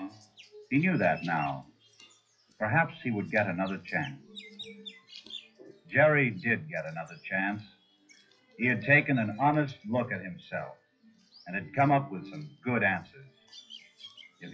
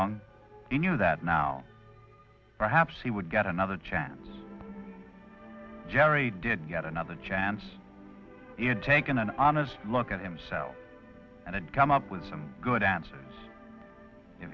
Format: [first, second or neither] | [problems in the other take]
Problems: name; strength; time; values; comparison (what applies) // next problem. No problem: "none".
second | noise reduction (classical method WPE with log-MMSE)